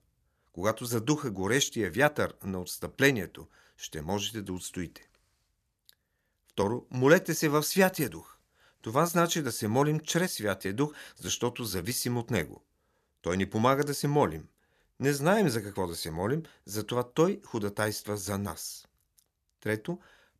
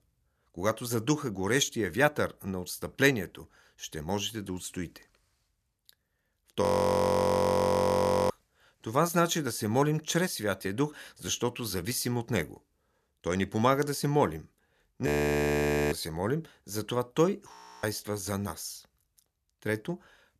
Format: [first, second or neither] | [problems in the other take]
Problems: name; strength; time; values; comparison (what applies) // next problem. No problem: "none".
first | audio freezing; at 6.5 s for 1.5 s, at 15 s for 1 s and at 18 s